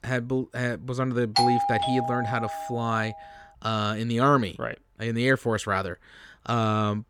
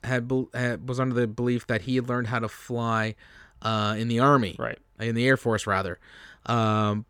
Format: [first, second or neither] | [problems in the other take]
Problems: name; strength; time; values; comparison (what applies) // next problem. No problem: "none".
second | doorbell; loud; from 1.5 to 3 s; peak 4 dB above the speech